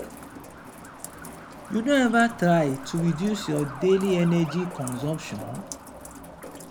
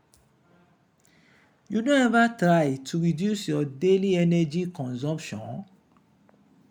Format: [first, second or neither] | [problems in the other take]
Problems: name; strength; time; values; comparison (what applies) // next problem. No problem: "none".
second | background sound (Truck + Rain); 13 dB below the speech